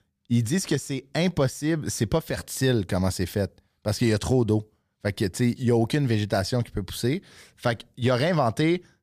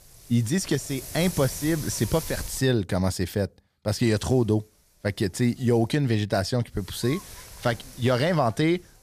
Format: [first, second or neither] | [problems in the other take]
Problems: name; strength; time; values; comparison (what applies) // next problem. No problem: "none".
first | wind noise on the microphone; occasional gusts; until 2.5 s, from 4 to 6 s and from 6.5 s on; 15 dB below the speech